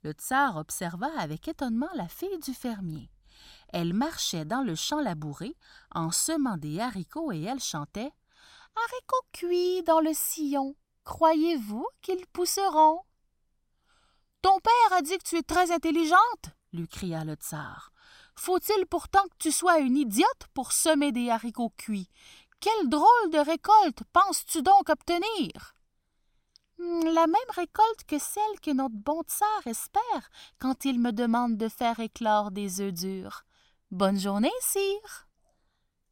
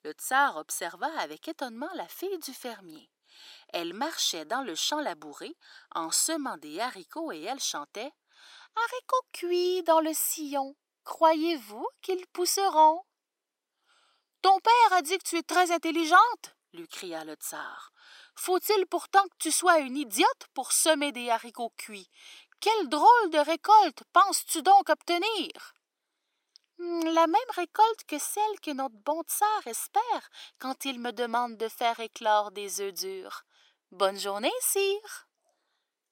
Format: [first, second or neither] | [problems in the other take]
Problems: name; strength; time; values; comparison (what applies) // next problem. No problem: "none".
first | thin; somewhat; fading below 350 Hz